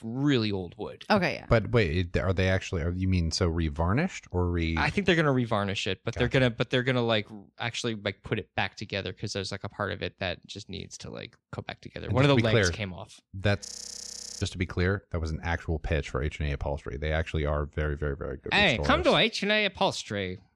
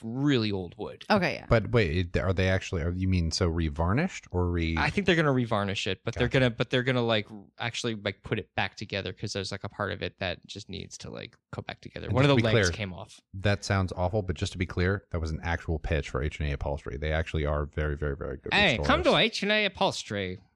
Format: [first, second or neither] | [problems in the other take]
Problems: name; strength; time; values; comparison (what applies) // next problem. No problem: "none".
second | audio freezing; at 14 s for 1 s